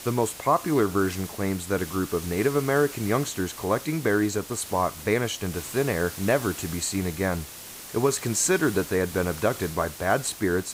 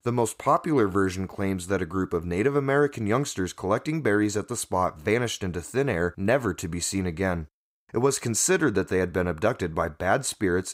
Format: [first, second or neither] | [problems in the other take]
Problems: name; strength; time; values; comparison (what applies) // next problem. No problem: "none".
second | hiss; noticeable; throughout; 10 dB below the speech